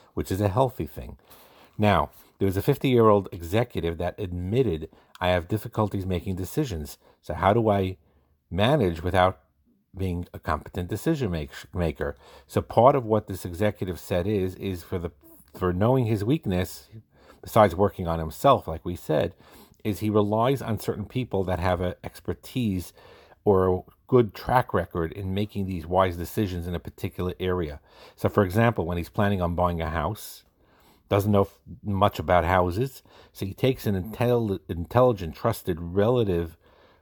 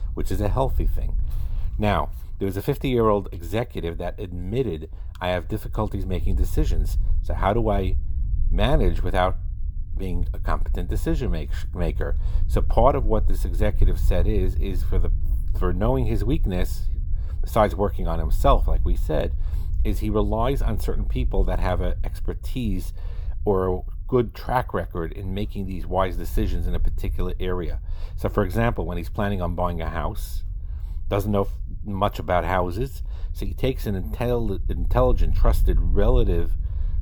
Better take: first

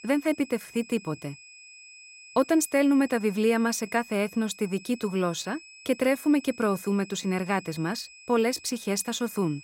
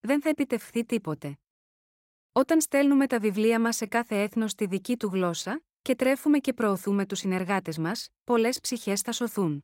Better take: second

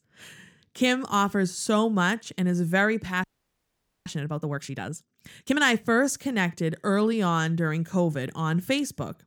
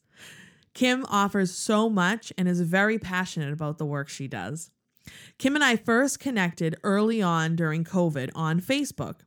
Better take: second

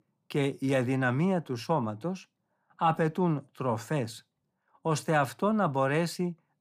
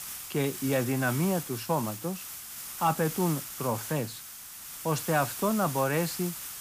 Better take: first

